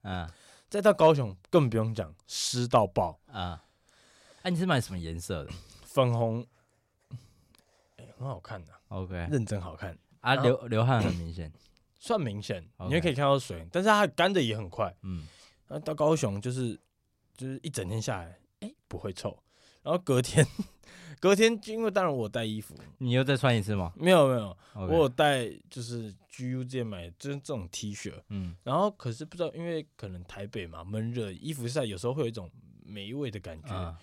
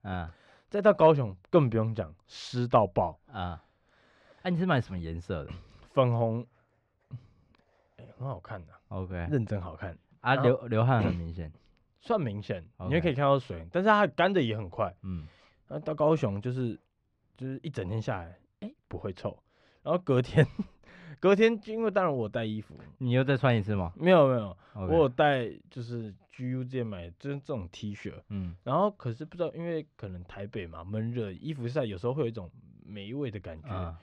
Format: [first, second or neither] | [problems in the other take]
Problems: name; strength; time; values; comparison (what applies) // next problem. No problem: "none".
first | muffled; slightly; fading above 2.5 kHz